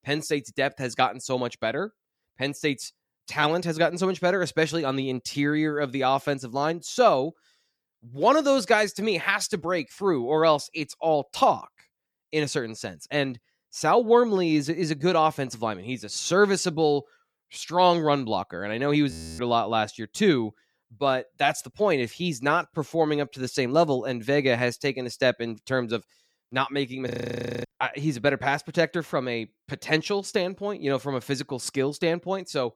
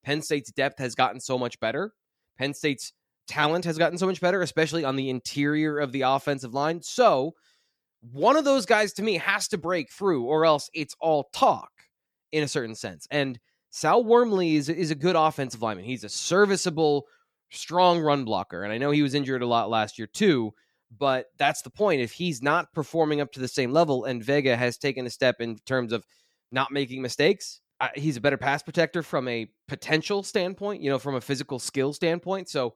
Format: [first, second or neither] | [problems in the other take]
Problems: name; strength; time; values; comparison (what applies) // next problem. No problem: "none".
second | audio freezing; at 19 s and at 27 s for 0.5 s